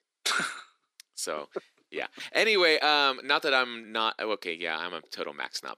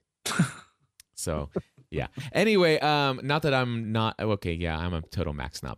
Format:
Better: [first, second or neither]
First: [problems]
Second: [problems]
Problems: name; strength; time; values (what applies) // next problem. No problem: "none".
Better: second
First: thin; very; fading below 300 Hz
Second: none